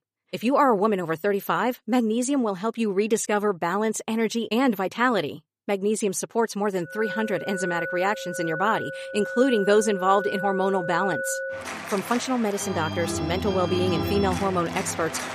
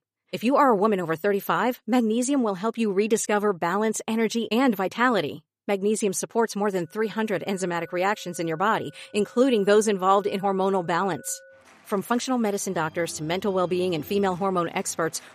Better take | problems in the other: second | background music; loud; from 7 s on; 6 dB below the speech; faint in the second

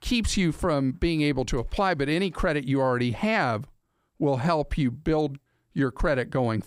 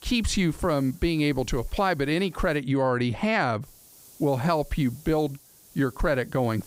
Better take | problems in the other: first | hiss; faint; until 2.5 s and from 3.5 s on; 25 dB below the speech

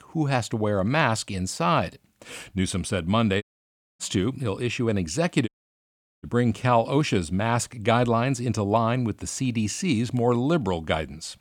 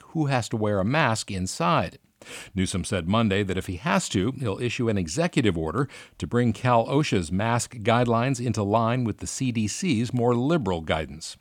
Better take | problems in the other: second | audio cutting out; at 3.5 s for 0.5 s and at 5.5 s for 1 s

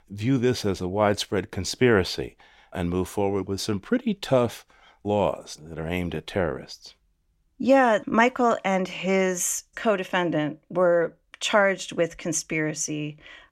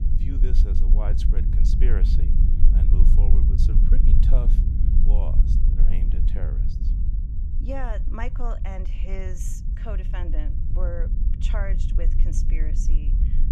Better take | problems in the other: first | low rumble; loud; throughout; 3 dB below the speech

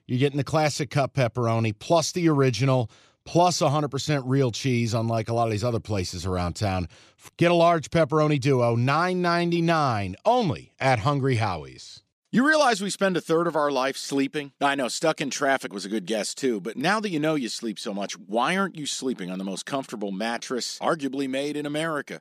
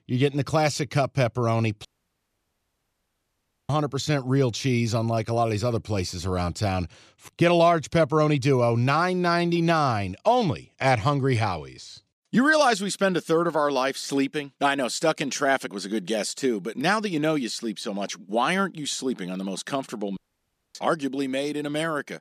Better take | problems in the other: first | audio cutting out; at 2 s for 2 s and at 20 s for 0.5 s

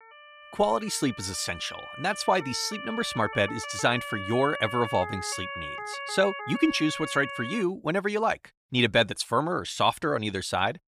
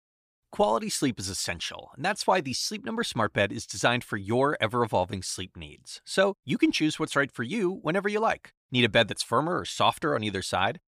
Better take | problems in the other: second | siren; noticeable; until 7.5 s; peak 7 dB below the speech

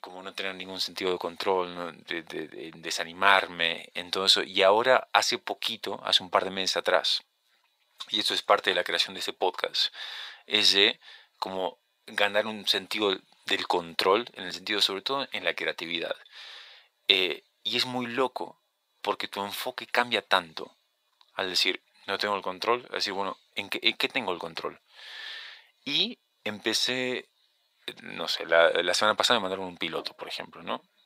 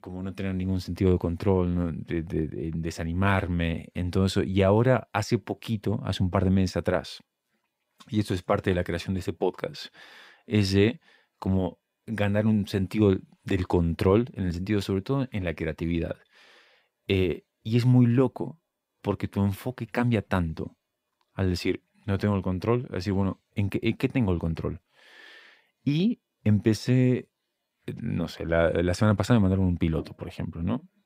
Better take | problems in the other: second | thin; very; fading below 800 Hz

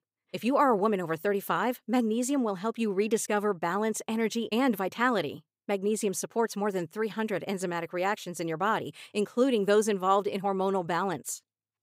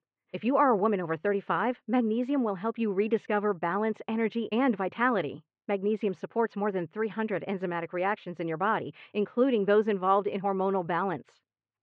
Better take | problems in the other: first | muffled; very; fading above 2.5 kHz

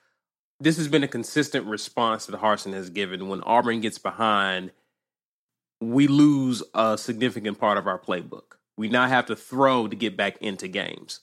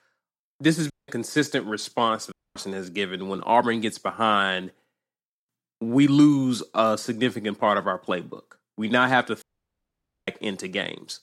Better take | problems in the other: first | audio cutting out; at 1 s, at 2.5 s and at 9.5 s for 1 s

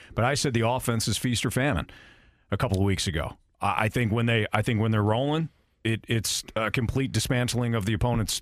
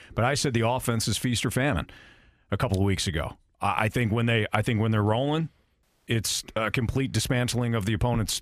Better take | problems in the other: first | audio cutting out; at 6 s

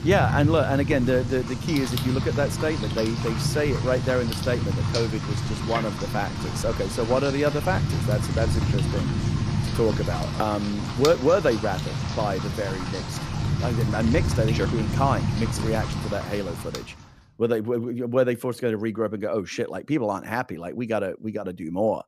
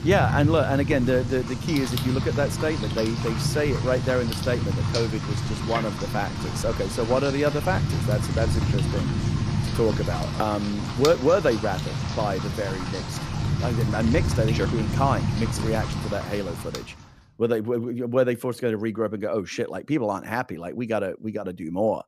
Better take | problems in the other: neither | rain or running water; loud; until 17 s; 1 dB below the speech; the same in both

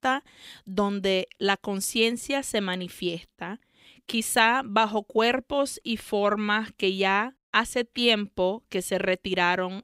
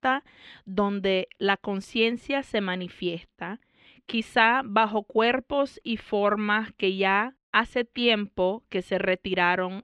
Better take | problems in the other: first | muffled; slightly; fading above 2.5 kHz

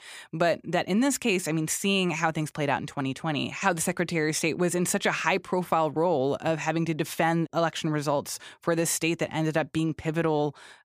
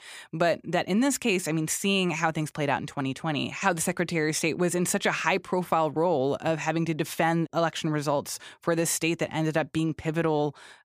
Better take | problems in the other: neither | none

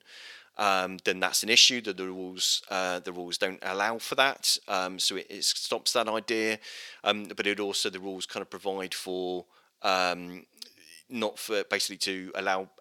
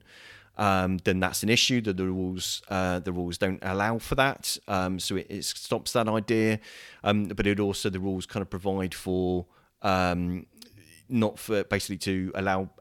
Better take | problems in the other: second | thin; somewhat; fading below 400 Hz

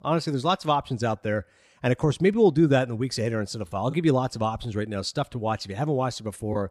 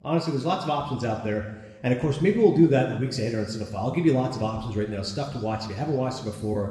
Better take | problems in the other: first | room echo; noticeable; dies away in 1.2 s // off-mic speech; somewhat distant

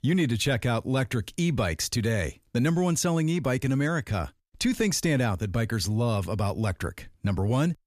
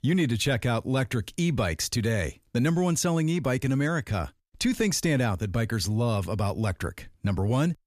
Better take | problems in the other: neither | none

